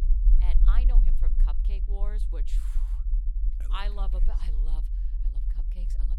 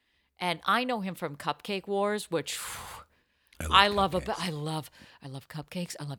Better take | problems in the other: second | low rumble; loud; throughout; 9 dB below the speech

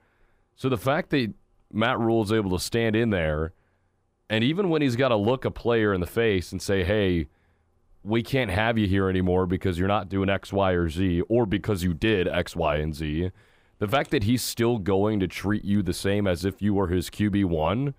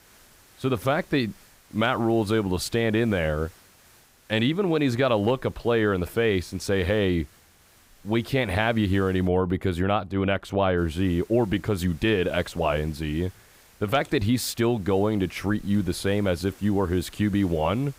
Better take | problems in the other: first | hiss; faint; until 9.5 s and from 11 s on; 30 dB below the speech

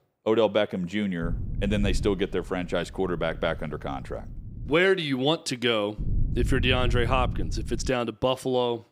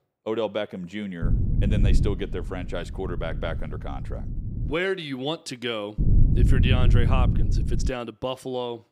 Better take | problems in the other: first | low rumble; loud; from 1 to 4.5 s and from 6 to 8 s; 8 dB below the speech; faint in the first

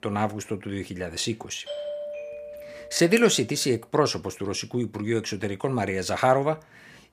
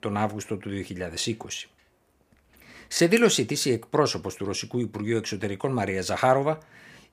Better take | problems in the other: second | doorbell; noticeable; from 1.5 to 3.5 s; peak 7 dB below the speech

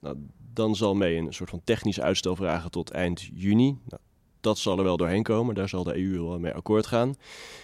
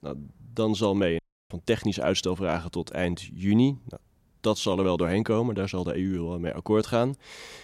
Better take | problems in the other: first | audio cutting out; at 1 s

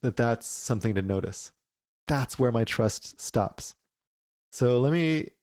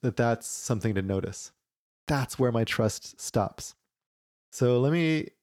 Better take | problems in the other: second | garbled, watery; slightly

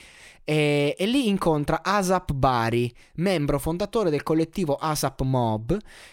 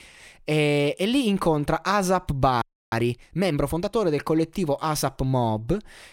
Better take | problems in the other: first | audio freezing; at 2.5 s

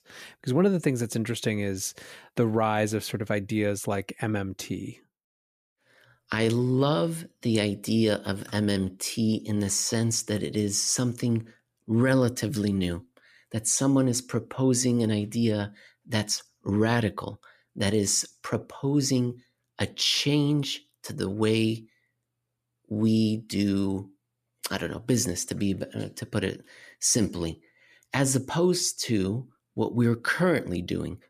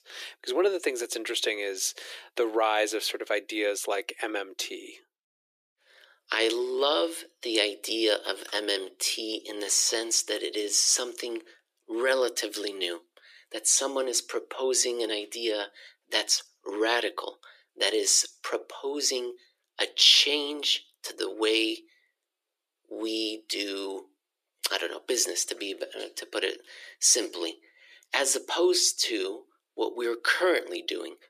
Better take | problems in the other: first | thin; very; fading below 350 Hz

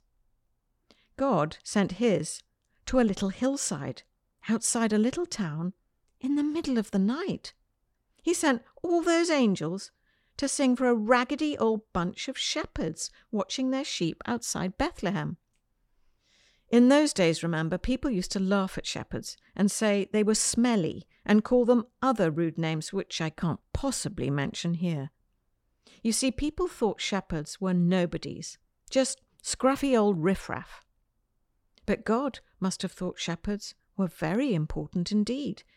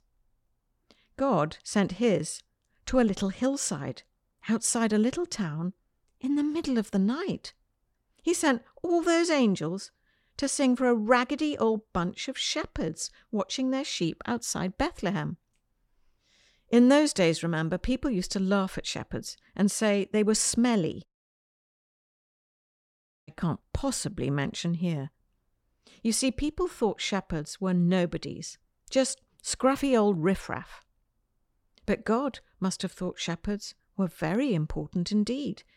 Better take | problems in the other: first | audio cutting out; at 21 s for 2 s

